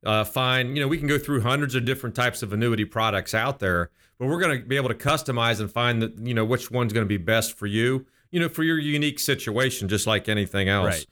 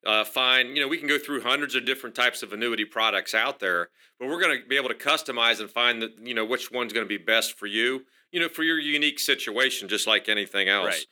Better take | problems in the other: first | thin; somewhat; fading below 250 Hz

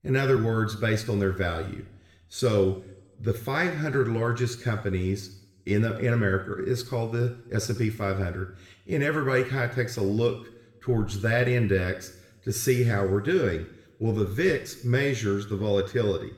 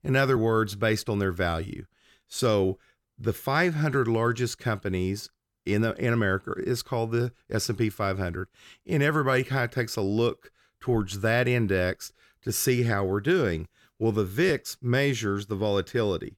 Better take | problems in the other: second | room echo; slight; dies away in 0.8 s

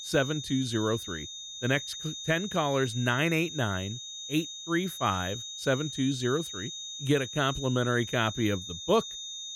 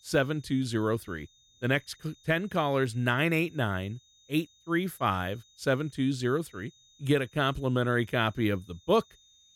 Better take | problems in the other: second | high-pitched whine; loud; throughout; 3.5 kHz, 8 dB below the speech; faint in the second

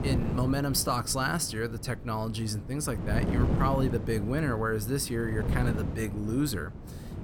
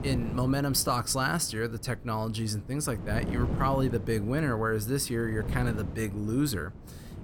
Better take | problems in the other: second | wind noise on the microphone; heavy; 9 dB below the speech; occasional gusts in the second

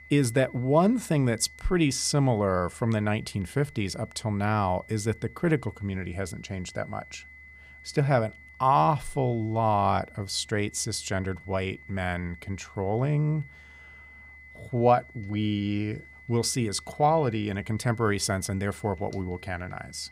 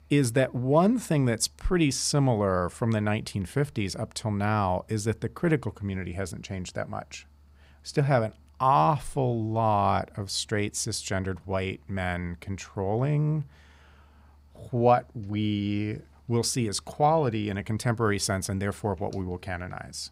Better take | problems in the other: second | high-pitched whine; faint; throughout; 2 kHz, 20 dB below the speech

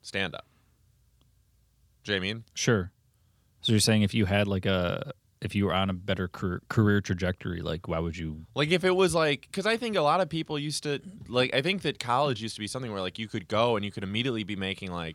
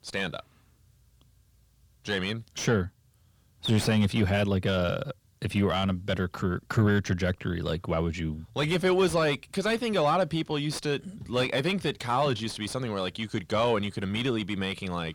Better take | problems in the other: first | distortion; slight; 10 dB below the speech

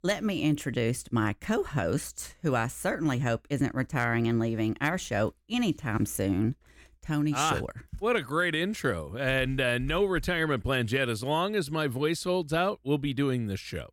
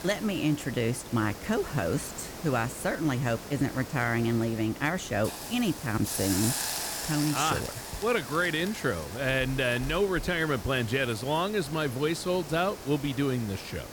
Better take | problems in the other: first | hiss; loud; throughout; 8 dB below the speech

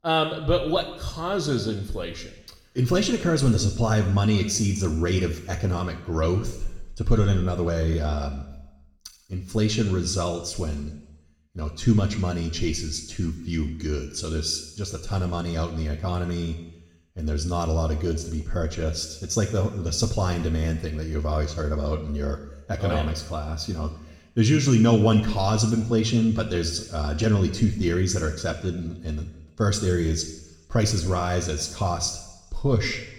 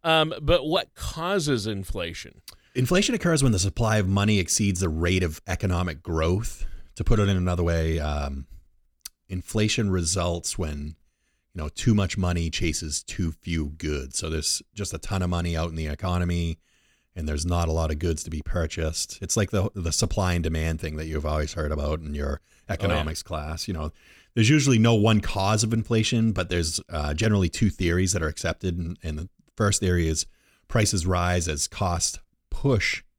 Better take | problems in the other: second | room echo; slight; dies away in 0.9 s

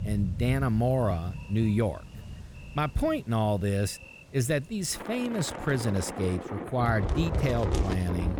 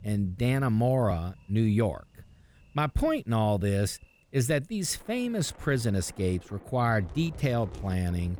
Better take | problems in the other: second | rain or running water; loud; throughout; 7 dB below the speech; faint in the second

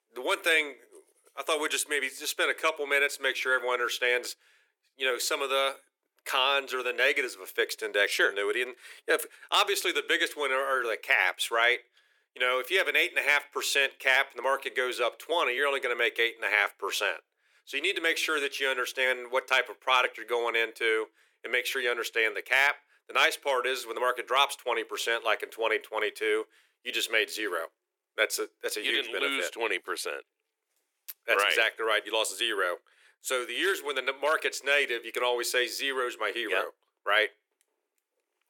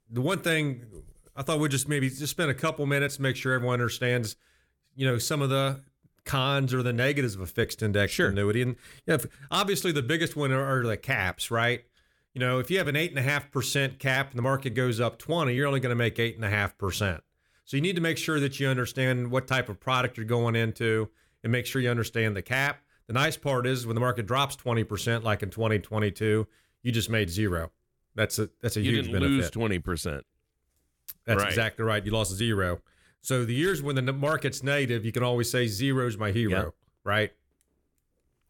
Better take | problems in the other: second | thin; very; fading below 350 Hz

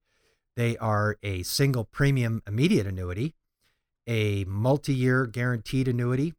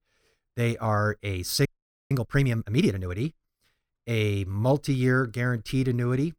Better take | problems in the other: first | audio freezing; at 1.5 s

